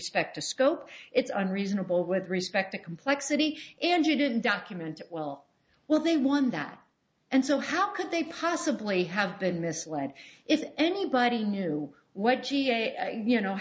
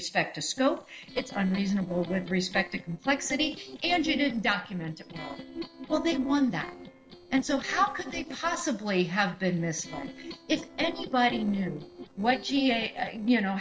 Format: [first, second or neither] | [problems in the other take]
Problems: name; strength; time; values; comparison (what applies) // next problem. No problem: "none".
first | noise reduction (neural separator model SepFormer DNS4)